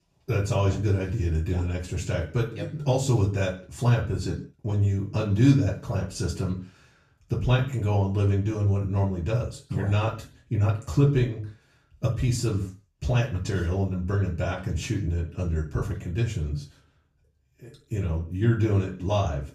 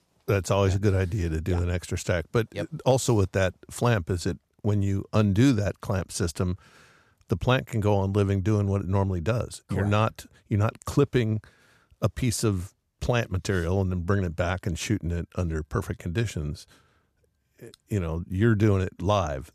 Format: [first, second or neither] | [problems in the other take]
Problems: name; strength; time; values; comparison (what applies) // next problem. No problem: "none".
second | room echo; slight; dies away in 0.3 s // off-mic speech; far